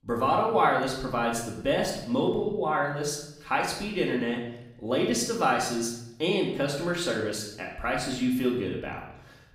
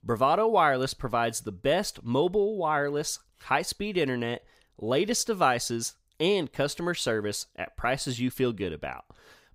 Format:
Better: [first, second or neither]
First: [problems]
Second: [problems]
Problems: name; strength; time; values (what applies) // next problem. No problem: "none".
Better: second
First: room echo; noticeable; dies away in 0.7 s // off-mic speech; far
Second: none